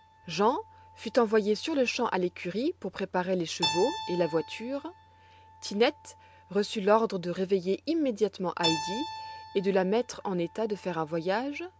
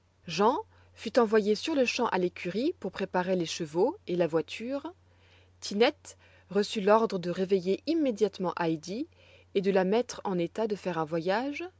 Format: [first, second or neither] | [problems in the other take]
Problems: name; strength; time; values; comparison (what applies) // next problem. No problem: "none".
second | background sound (Keyboard (musical)); 12 dB below the speech